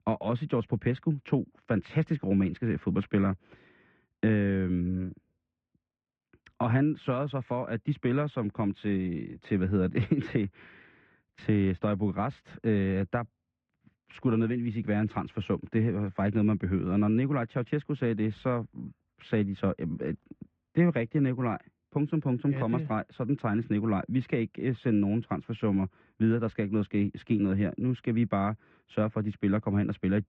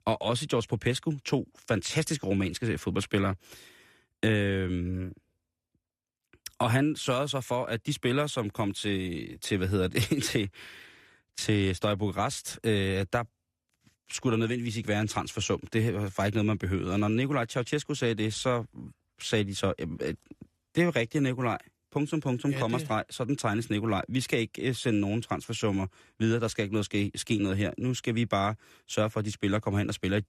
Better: second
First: muffled; very; fading above 2 kHz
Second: none

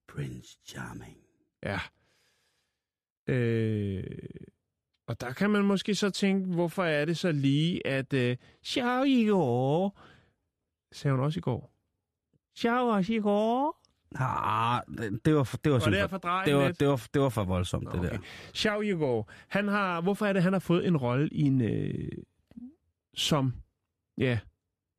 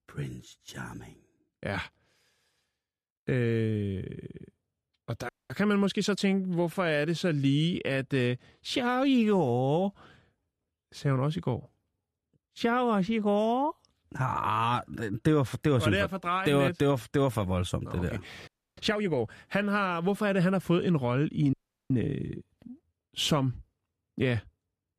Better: first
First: none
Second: audio freezing; at 5.5 s, at 18 s and at 22 s

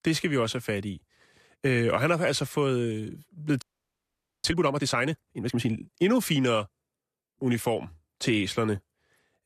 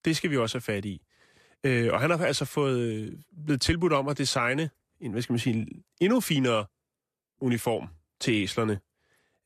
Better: second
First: audio freezing; at 3.5 s for 1 s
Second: none

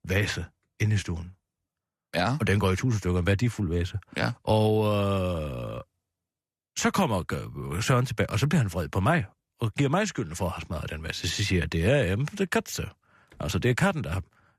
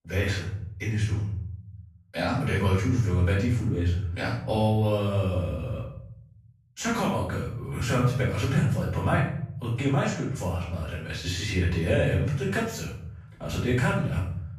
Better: first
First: none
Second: off-mic speech; far // room echo; noticeable; dies away in 0.8 s

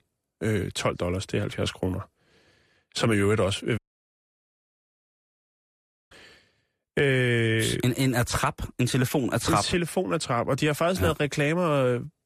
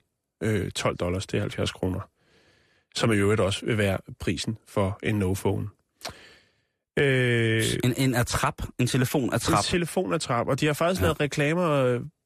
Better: second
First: audio cutting out; at 4 s for 2.5 s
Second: none

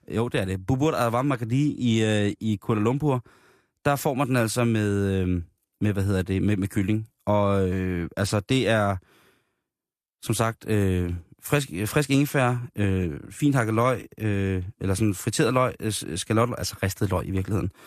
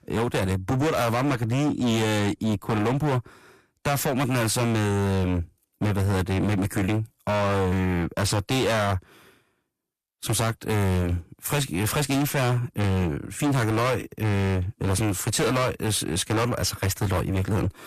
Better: first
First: none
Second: distortion; heavy; 24% of the sound clipped

